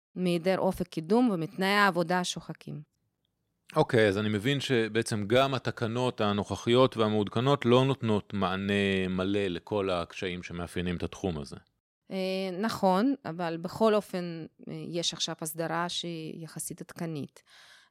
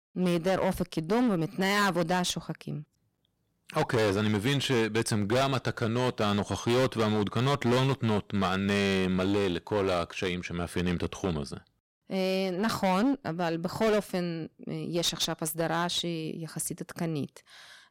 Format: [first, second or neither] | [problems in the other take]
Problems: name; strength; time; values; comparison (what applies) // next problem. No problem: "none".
first | distortion; heavy; 15% of the sound clipped